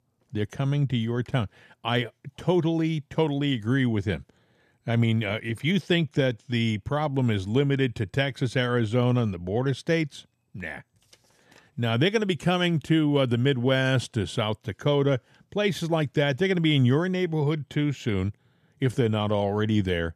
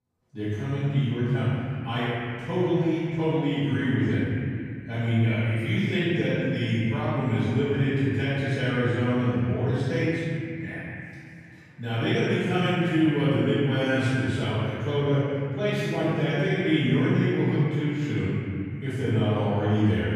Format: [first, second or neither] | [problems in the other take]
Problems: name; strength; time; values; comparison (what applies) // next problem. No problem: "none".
first | room echo; strong; dies away in 2.7 s // off-mic speech; far